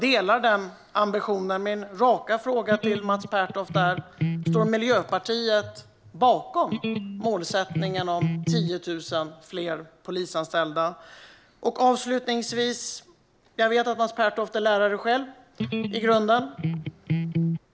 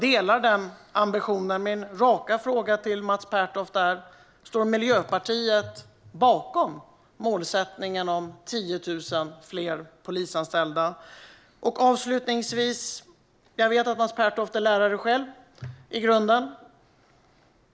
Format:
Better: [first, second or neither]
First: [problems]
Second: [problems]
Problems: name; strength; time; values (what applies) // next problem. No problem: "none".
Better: second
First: background sound (Electric guitar); 3 dB below the speech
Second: none